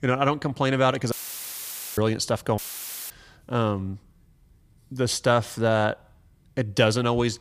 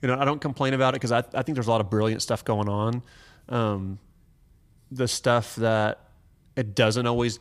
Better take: second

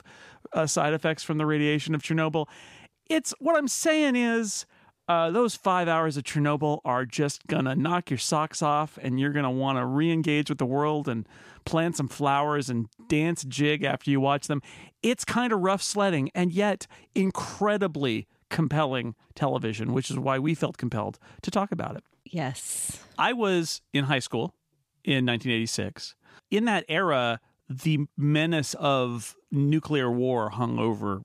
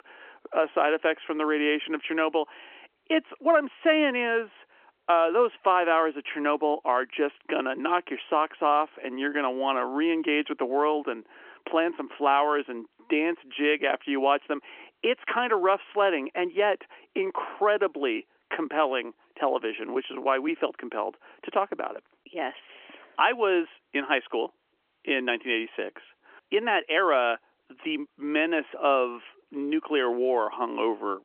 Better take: first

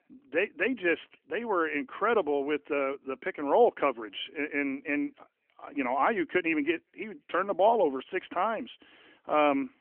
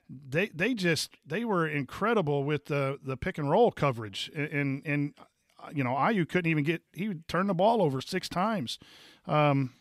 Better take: second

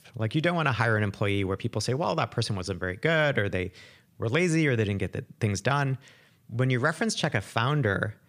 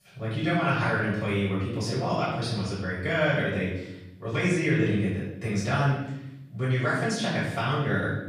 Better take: first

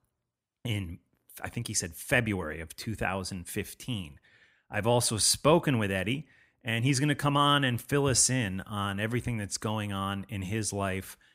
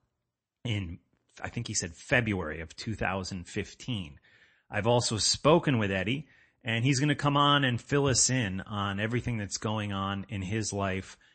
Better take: first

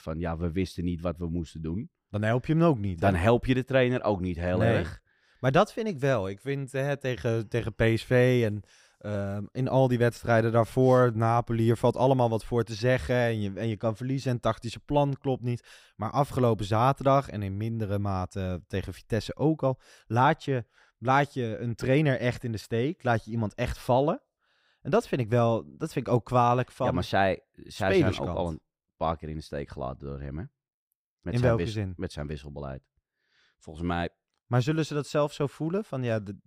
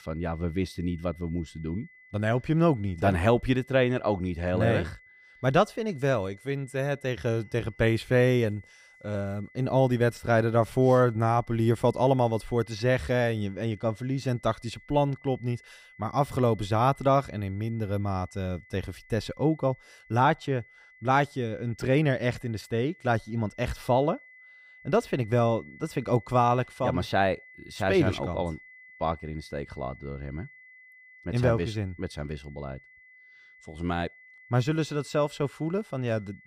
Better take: first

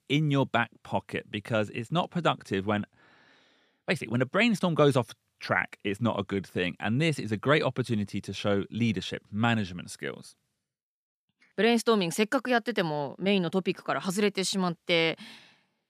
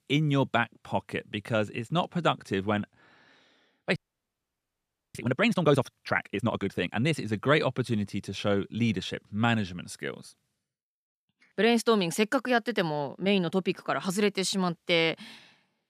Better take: first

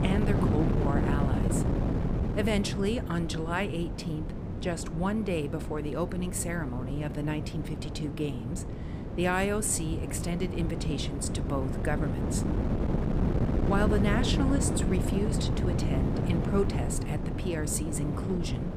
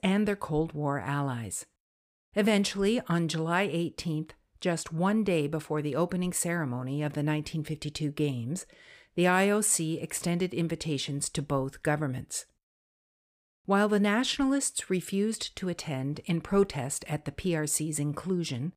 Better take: second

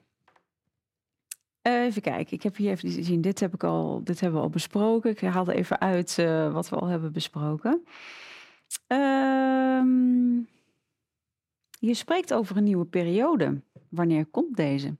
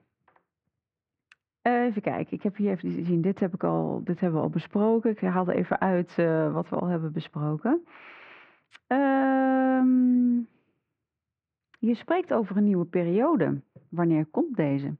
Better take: first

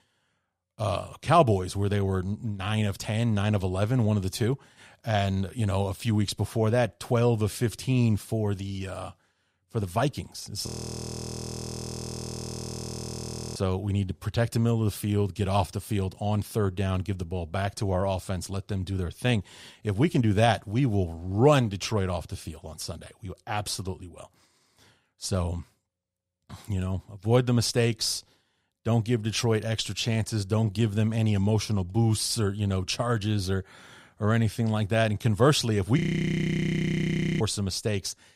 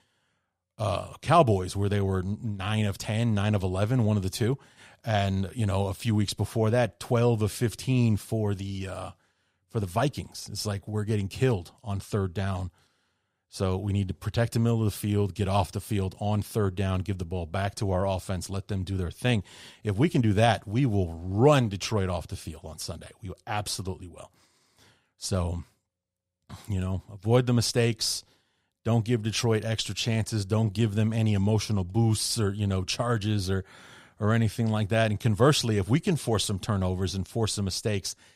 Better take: second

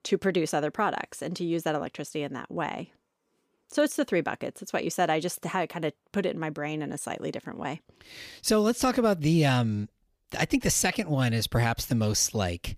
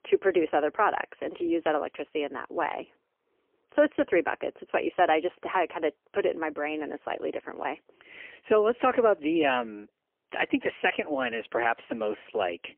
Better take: first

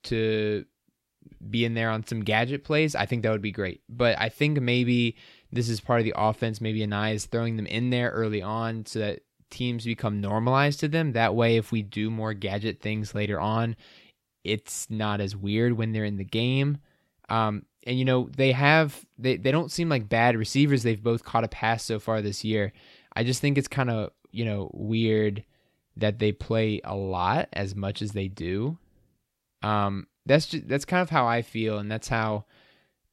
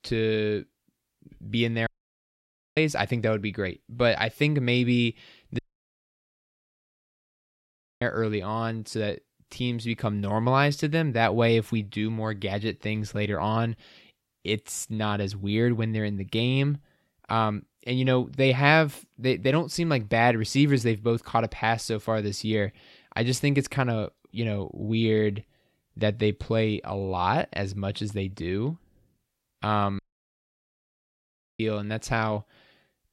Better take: first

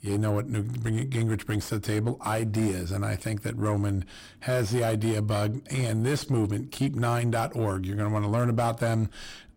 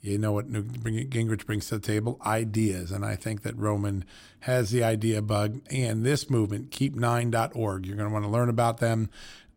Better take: second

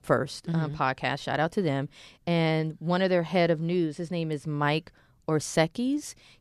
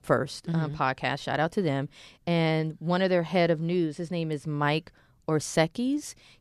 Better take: neither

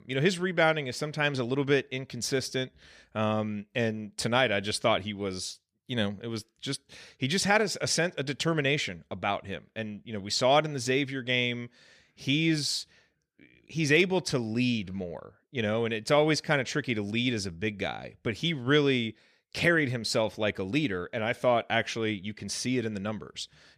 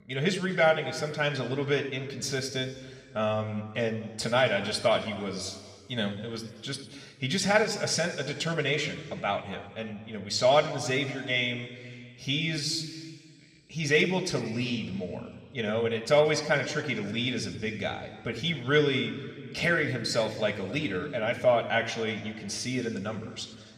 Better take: first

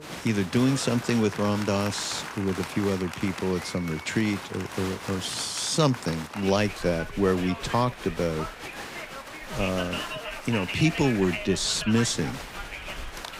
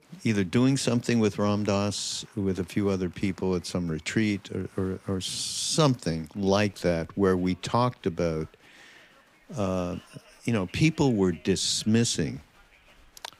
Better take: second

